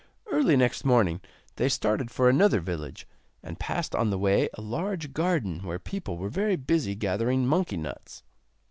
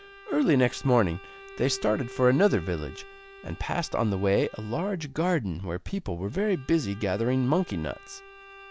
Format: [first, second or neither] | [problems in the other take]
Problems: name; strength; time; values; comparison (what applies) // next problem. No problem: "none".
first | background sound (Bowed string instrument); 20 dB below the speech